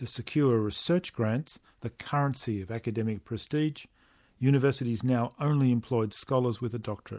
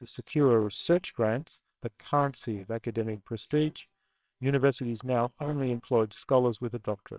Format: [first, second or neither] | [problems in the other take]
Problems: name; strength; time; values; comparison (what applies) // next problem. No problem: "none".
first | noise reduction (neural separator model SepFormer WHAMR!)